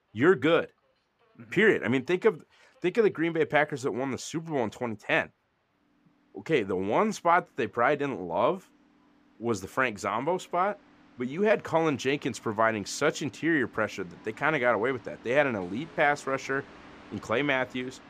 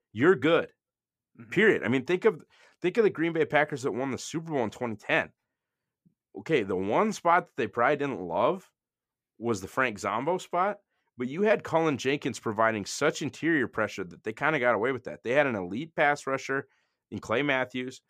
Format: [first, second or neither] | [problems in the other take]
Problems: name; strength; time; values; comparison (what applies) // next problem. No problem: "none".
second | train or aircraft noise; faint; throughout; 25 dB below the speech